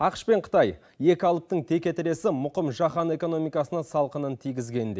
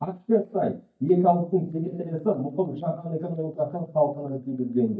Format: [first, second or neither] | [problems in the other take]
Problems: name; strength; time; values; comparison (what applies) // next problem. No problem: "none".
first | noise reduction (neural mask model DeepFilterNet 3)